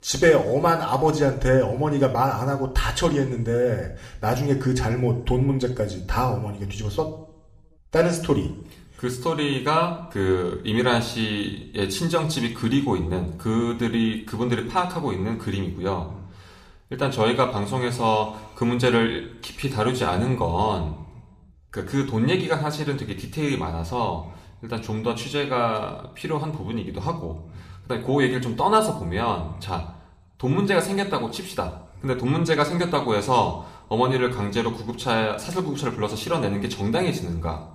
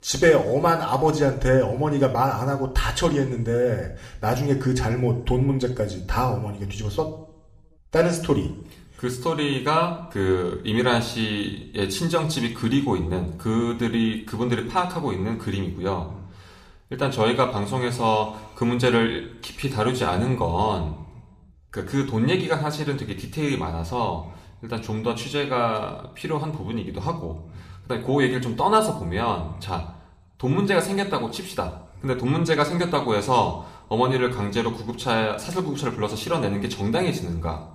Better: neither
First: room echo; slight; dies away in 0.6 s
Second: room echo; slight; dies away in 0.6 s

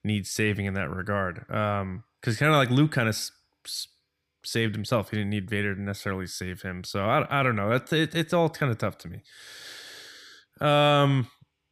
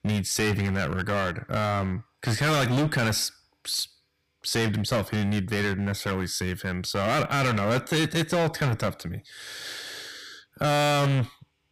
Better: first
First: none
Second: distortion; heavy; 17% of the sound clipped

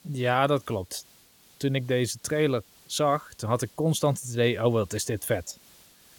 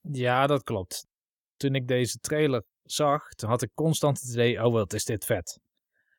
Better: second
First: hiss; faint; throughout; 25 dB below the speech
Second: none

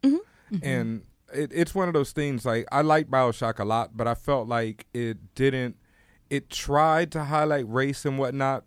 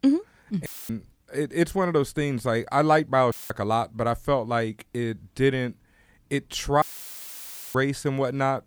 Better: first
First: none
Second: audio cutting out; filled with static; at 0.5 s, at 3.5 s and at 7 s for 1 s

